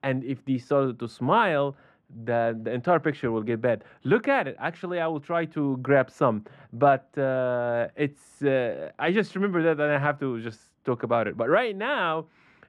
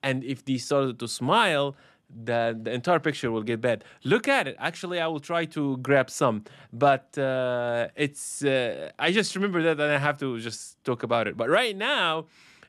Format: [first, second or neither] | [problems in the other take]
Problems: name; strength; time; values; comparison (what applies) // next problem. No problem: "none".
second | muffled; very; fading above 3.5 kHz